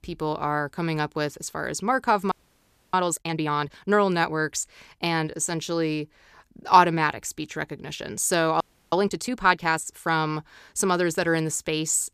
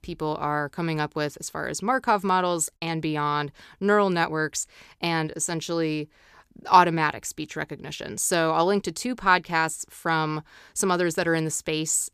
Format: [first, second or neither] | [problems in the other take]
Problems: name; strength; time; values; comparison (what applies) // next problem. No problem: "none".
second | audio freezing; at 2.5 s for 0.5 s and at 8.5 s